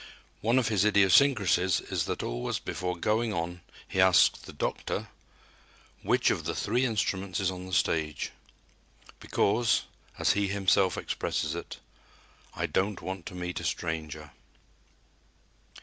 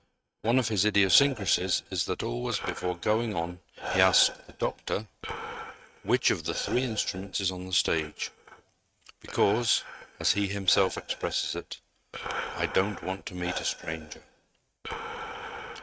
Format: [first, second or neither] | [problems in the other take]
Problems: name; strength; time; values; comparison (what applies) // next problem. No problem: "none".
first | noise reduction (neural mask model RNNoise)